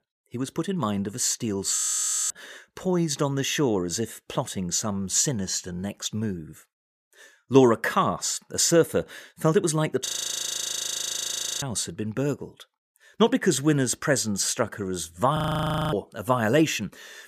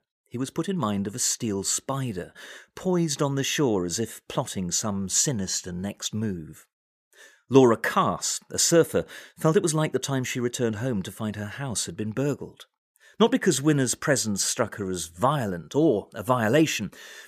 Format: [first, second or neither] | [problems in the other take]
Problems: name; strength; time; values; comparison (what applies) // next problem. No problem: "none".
second | audio freezing; at 2 s for 0.5 s, at 10 s for 1.5 s and at 15 s for 0.5 s